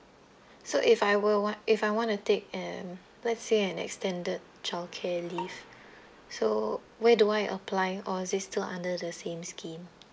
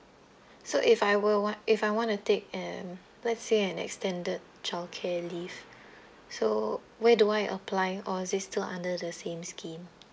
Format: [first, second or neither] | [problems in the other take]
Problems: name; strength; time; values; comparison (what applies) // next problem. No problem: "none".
second | background sound (Bowed string instrument); 18 dB below the speech